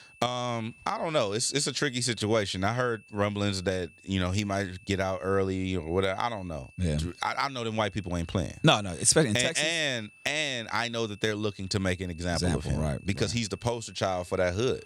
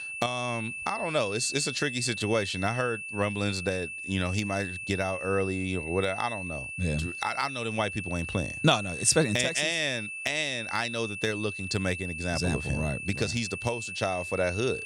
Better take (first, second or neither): first